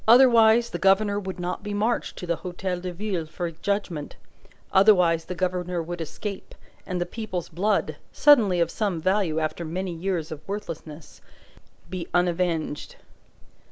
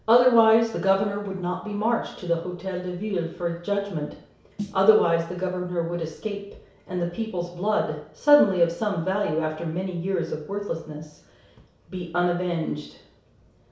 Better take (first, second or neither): first